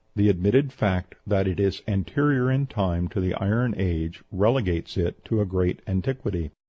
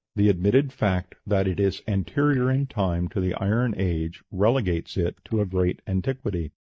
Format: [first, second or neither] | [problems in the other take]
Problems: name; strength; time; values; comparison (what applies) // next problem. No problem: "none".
first | noise reduction (neural mask model DeepFilterNet 3)